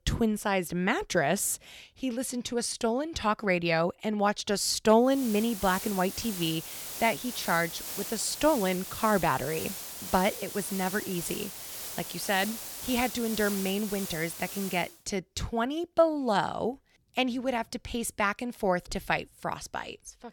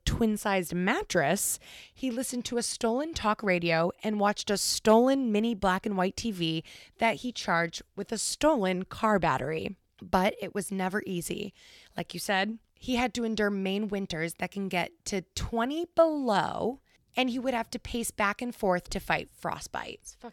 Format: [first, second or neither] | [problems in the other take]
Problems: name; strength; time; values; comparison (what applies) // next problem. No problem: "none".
second | hiss; loud; from 5 to 15 s; 7 dB below the speech